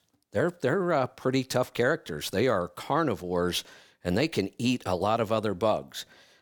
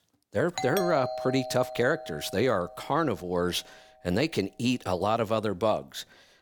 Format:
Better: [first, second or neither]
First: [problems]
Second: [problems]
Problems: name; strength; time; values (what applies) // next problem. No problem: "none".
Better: first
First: none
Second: doorbell; noticeable; from 0.5 to 2.5 s; peak 3 dB below the speech